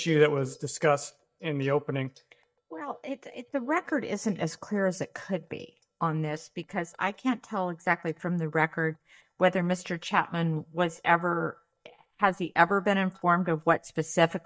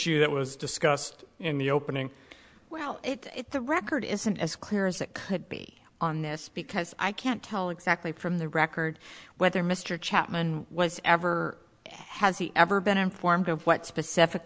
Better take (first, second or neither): second